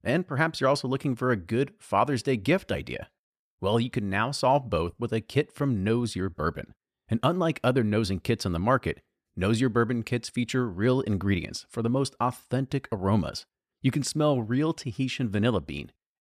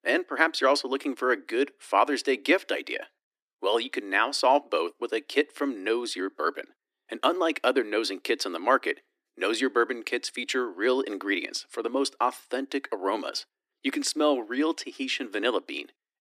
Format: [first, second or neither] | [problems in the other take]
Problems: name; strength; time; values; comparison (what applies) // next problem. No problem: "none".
first | thin; somewhat; fading below 300 Hz